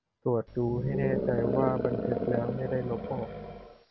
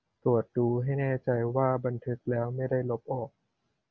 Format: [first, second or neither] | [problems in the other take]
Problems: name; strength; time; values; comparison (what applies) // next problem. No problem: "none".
second | background sound (Animal); as loud as the speech